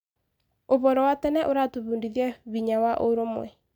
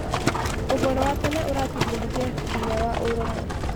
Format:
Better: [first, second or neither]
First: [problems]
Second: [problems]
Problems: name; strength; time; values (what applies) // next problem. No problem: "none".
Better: first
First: none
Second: background sound (Livestock, farm animals, working animals); 2 dB above the speech